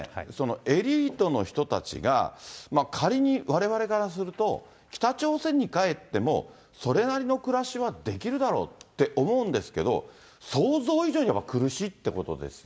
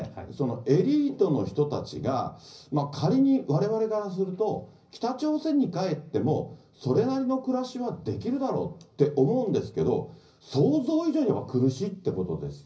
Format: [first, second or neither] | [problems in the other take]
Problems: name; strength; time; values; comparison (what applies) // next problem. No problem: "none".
first | room echo; dies away in 0.5 s